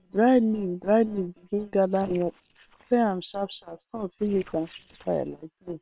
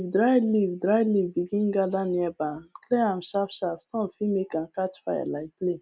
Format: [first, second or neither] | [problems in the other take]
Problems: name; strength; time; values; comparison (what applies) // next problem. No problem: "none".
second | noise reduction (neural separator model SepFormer WHAM!)